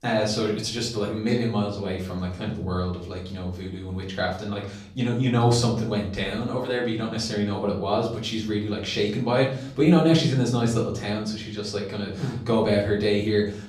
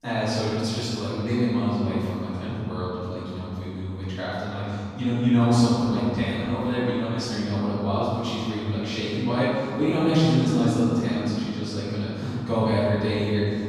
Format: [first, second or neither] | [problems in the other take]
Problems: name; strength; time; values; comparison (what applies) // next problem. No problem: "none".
first | room echo; strong; dies away in 2.9 s; slight in the first // off-mic speech; far; far in the first